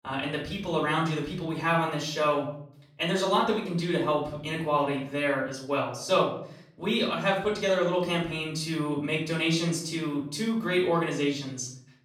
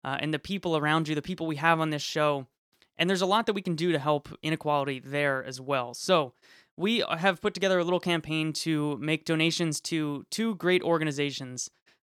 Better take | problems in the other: second | room echo; noticeable; dies away in 0.5 s // off-mic speech; far

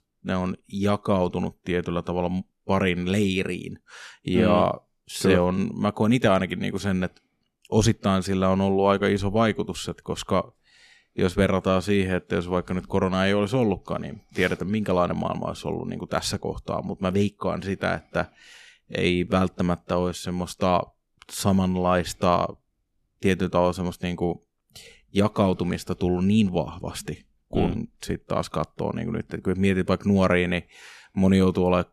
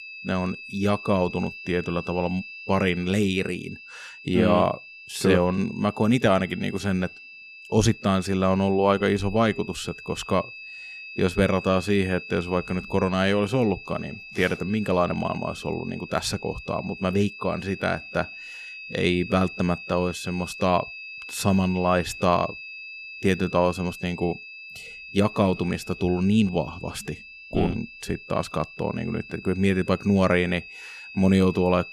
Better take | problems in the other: first | high-pitched whine; noticeable; throughout; 2.5 kHz, 15 dB below the speech

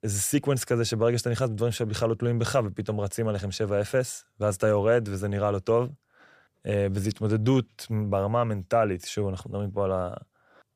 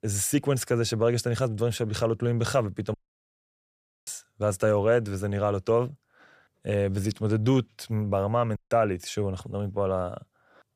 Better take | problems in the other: first | audio cutting out; at 3 s for 1 s and at 8.5 s

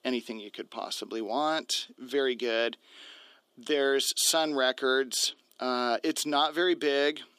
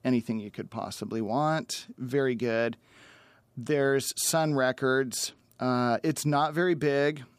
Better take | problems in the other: second | thin; very slightly; fading below 300 Hz

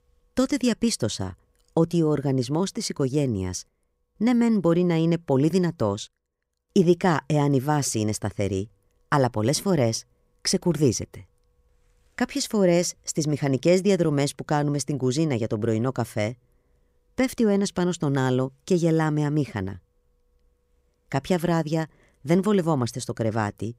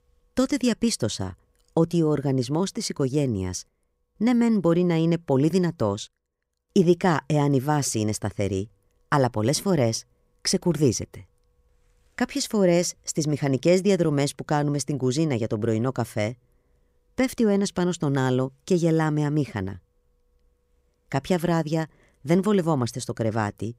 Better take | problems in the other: neither | none

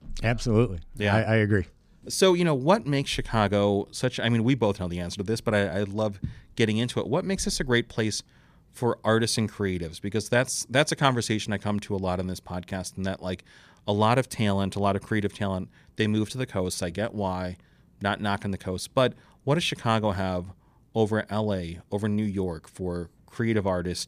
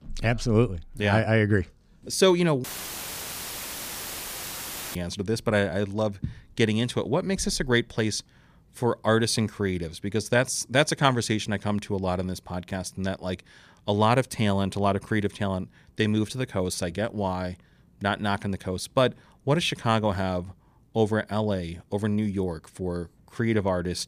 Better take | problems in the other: first | audio cutting out; filled with static; at 2.5 s for 2.5 s

